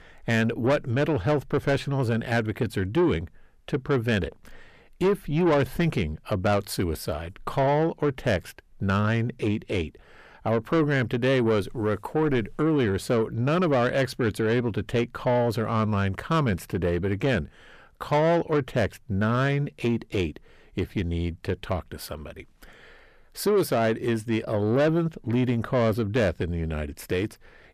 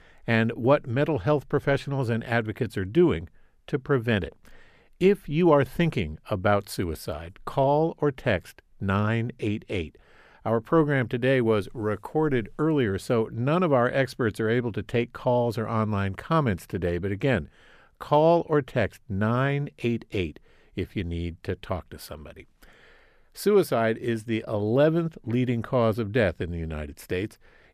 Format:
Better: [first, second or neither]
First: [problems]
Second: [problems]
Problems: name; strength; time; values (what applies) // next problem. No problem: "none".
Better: second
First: distortion; slight; 10 dB below the speech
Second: none